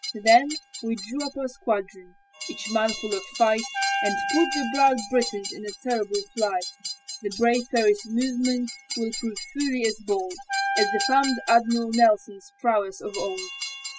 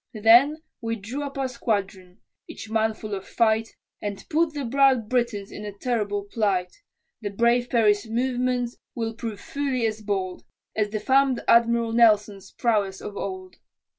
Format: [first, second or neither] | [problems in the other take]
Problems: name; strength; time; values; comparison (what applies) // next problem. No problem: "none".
second | noise reduction (classical method spectral subtraction)